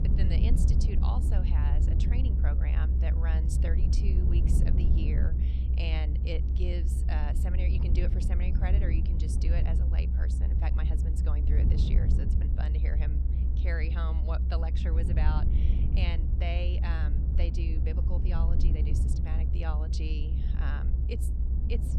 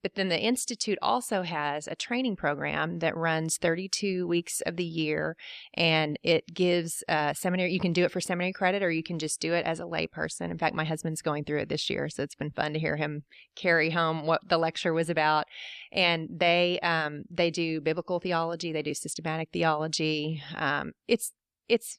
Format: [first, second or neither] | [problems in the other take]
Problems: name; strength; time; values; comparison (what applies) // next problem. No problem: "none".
second | low rumble; loud; throughout; 2 dB below the speech